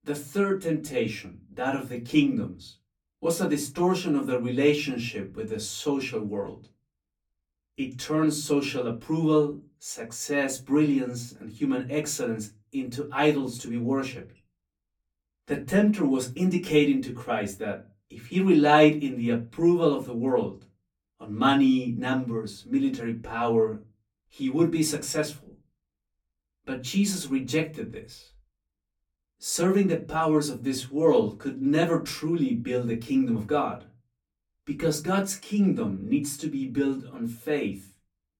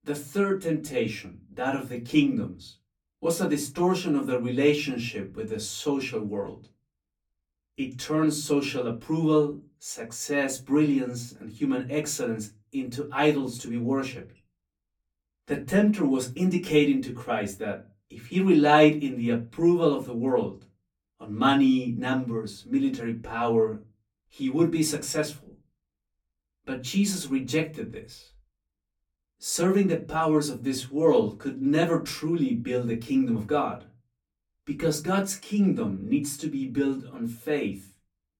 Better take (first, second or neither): neither